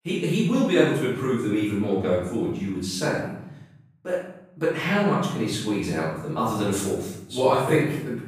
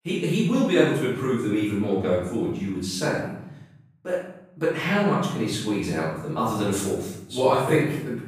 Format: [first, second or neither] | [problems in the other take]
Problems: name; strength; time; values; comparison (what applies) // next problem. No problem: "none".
neither | off-mic speech; far; the same in both // room echo; noticeable; dies away in 0.8 s; the same in both